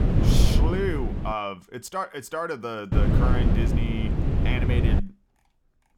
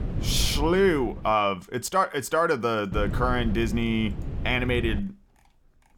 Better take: second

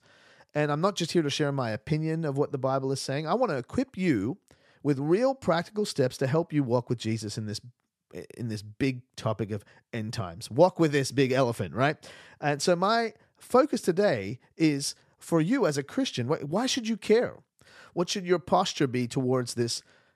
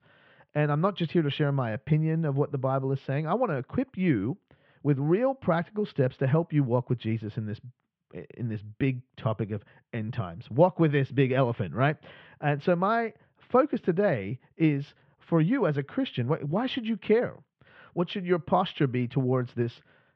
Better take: first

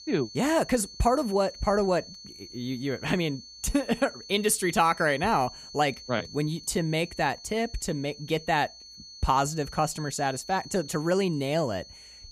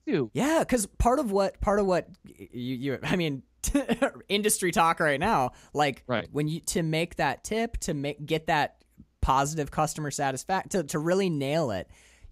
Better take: second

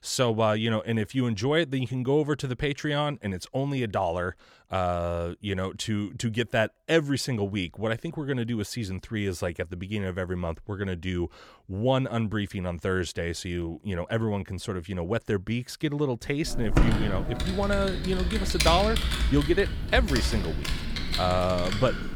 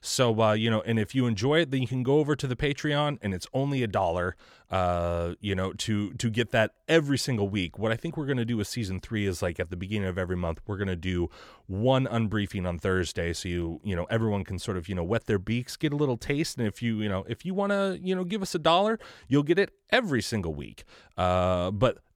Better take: second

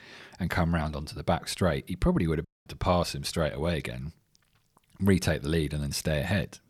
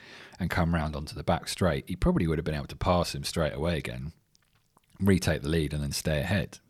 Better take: second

